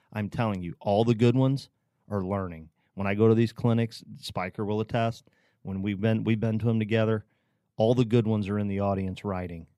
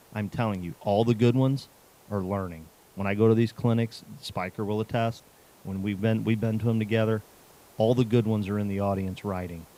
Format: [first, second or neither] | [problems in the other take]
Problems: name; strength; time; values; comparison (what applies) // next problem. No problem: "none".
first | hiss; faint; throughout; 25 dB below the speech